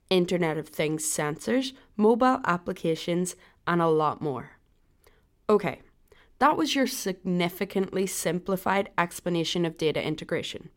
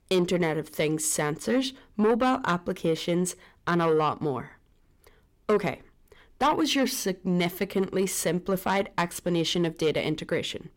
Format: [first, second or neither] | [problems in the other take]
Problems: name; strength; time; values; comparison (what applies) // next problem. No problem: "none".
first | distortion; slight; 10 dB below the speech